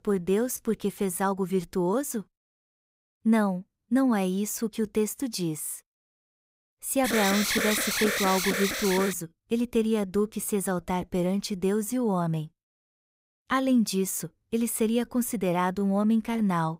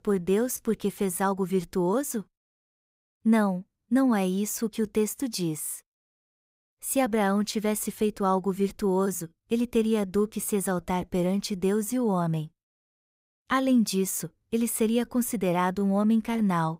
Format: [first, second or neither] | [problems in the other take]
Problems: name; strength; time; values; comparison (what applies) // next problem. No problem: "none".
second | alarm; loud; from 7 to 9 s; peak 2 dB above the speech